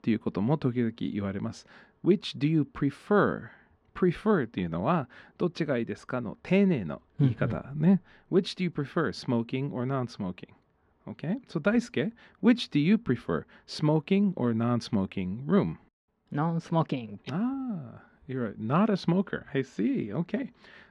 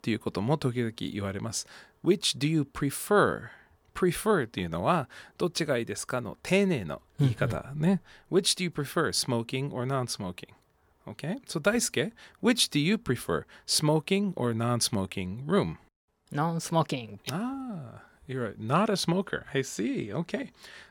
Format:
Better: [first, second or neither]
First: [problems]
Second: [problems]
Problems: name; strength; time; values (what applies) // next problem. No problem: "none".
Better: second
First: muffled; slightly; fading above 3 kHz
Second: none